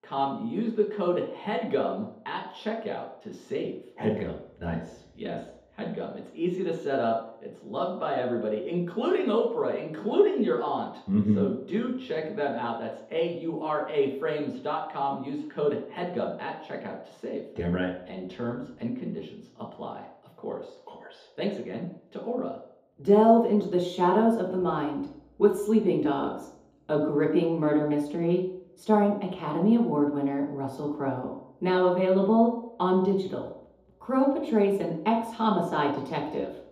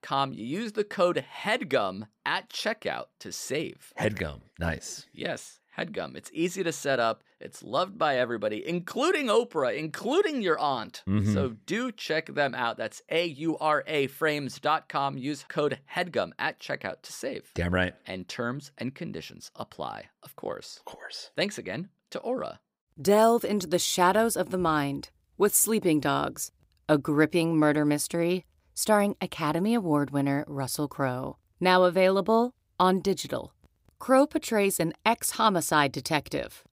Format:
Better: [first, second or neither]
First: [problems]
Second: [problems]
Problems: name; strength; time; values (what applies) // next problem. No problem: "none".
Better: second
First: room echo; noticeable; dies away in 2.1 s // off-mic speech; far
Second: none